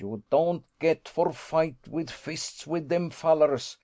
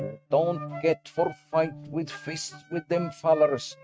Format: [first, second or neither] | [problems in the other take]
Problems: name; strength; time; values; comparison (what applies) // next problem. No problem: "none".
first | noise reduction (neural mask model RNNoise)